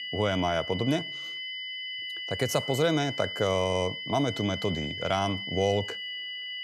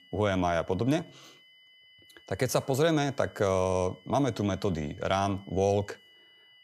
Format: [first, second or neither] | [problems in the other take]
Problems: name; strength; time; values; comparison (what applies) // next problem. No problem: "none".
second | high-pitched whine; loud; throughout; 3 kHz, 6 dB below the speech; faint in the second